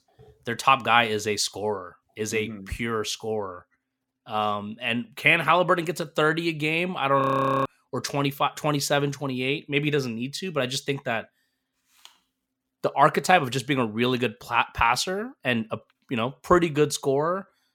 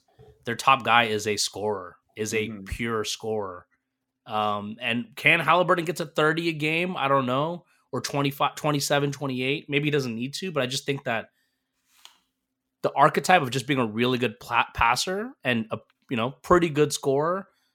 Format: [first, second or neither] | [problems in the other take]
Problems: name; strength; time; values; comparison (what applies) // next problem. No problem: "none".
second | audio freezing; at 7 s